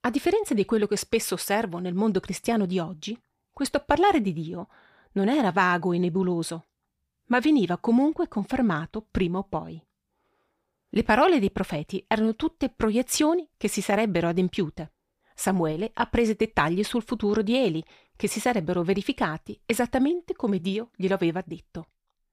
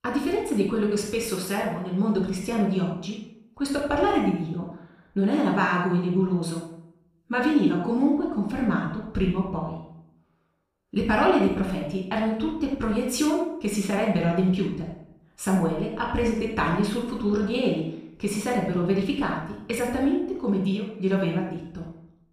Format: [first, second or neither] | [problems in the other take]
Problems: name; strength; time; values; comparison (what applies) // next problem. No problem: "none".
first | off-mic speech; far // room echo; noticeable; dies away in 0.6 s